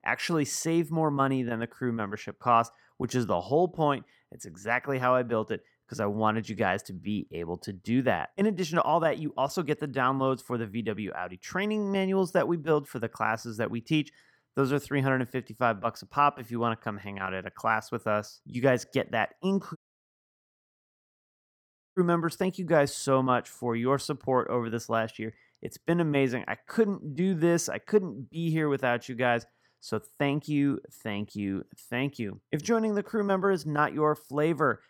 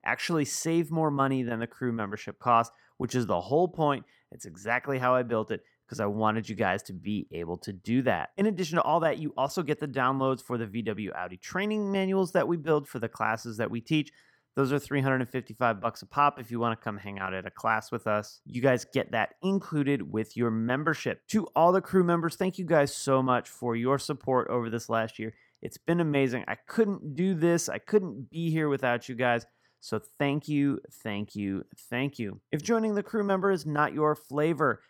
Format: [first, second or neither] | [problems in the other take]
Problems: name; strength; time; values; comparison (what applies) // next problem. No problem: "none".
second | audio cutting out; at 20 s for 2 s